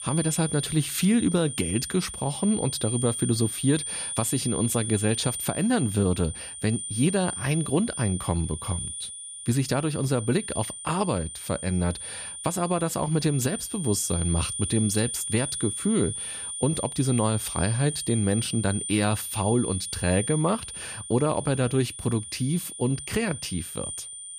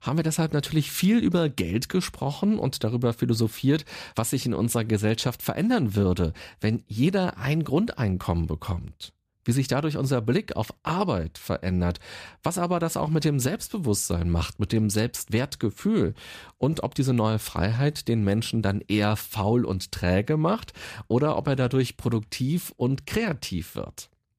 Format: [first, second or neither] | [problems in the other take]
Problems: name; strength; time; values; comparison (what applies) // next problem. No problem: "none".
second | high-pitched whine; loud; throughout; 9 kHz, 6 dB below the speech